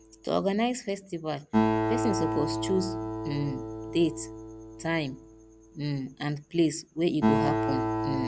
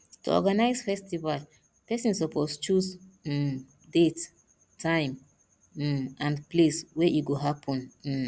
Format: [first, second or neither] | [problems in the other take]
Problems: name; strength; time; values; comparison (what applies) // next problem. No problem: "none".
second | background sound (Acoustic guitar); 1 dB below the speech